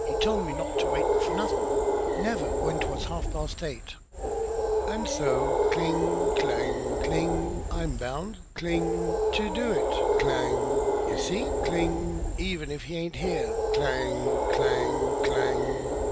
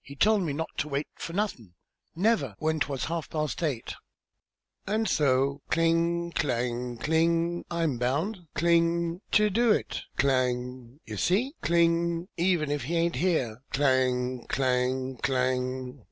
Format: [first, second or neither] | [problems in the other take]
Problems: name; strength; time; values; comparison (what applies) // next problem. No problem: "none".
second | background sound (Animal); 5 dB above the speech